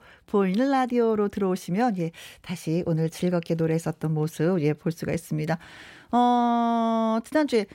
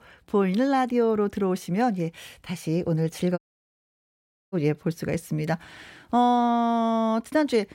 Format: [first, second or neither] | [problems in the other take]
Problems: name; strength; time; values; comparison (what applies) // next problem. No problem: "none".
first | audio cutting out; at 3.5 s for 1 s